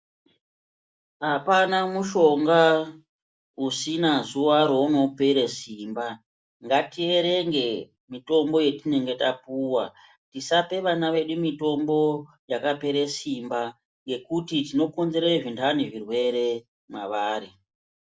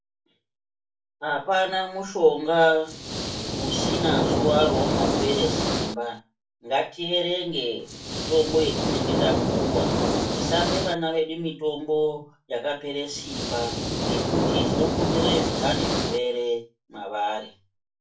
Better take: first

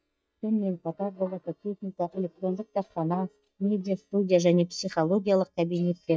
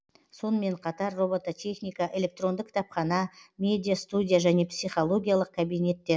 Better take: second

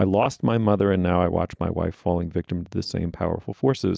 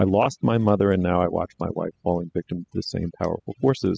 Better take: first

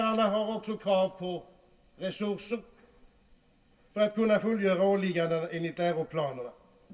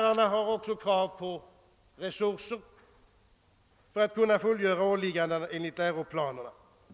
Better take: second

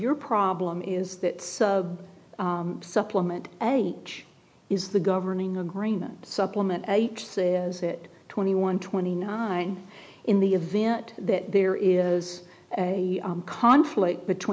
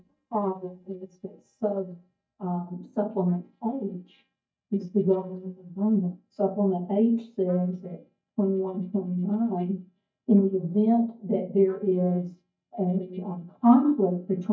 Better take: first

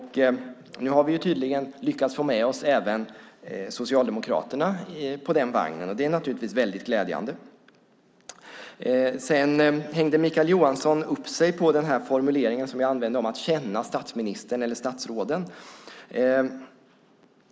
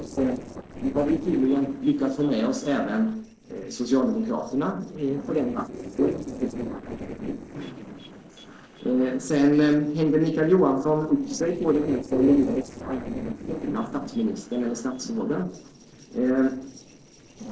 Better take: first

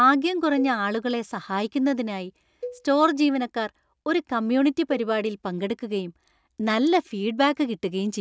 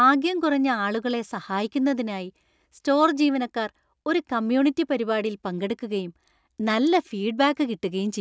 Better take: second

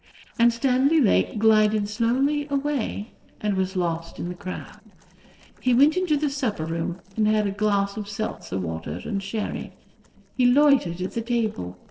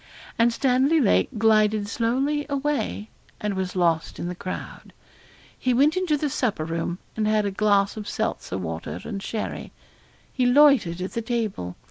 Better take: second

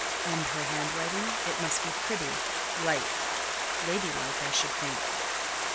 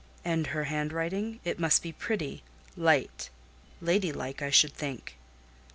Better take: second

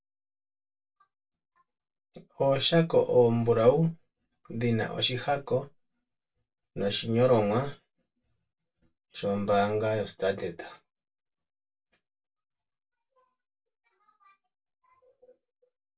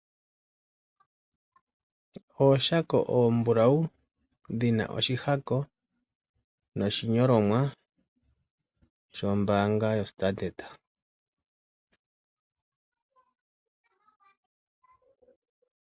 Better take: second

